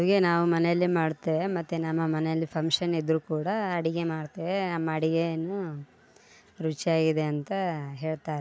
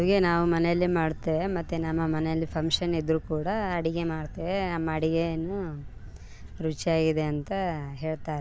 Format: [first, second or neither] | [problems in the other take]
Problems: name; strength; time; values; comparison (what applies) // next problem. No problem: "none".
first | background sound (Thunder); 12 dB below the speech